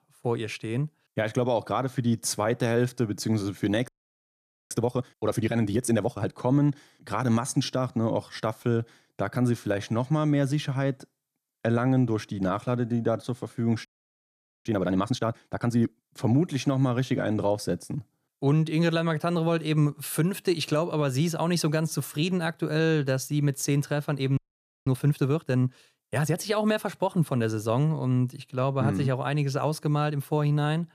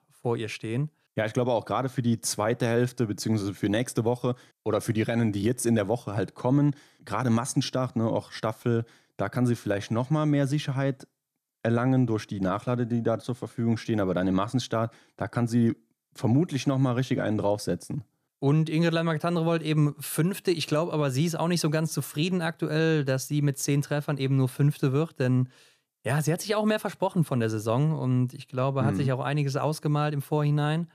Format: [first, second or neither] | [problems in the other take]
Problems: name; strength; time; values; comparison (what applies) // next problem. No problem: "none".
second | audio freezing; at 4 s for 1 s, at 14 s for 1 s and at 24 s